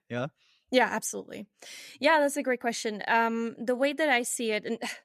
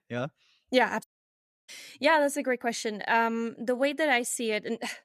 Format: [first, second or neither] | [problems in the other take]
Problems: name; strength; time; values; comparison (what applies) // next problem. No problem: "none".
first | audio cutting out; at 1 s for 0.5 s